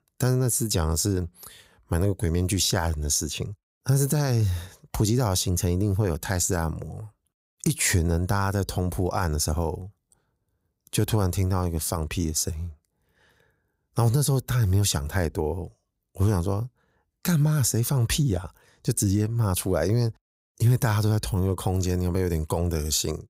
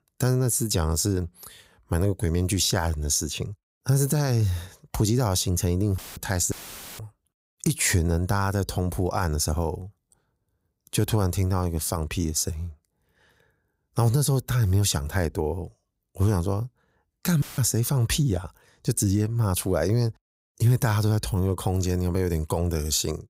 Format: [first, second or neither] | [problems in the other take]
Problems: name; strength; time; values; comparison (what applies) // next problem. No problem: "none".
first | audio cutting out; filled with static; at 6 s, at 6.5 s and at 17 s